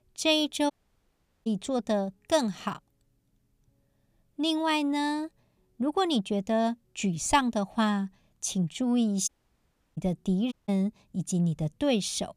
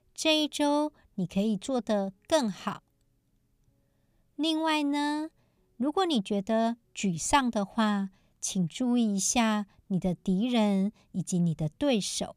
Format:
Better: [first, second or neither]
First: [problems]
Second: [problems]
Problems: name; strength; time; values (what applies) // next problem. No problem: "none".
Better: second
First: audio cutting out; at 0.5 s for 1 s, at 9.5 s for 0.5 s and at 11 s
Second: none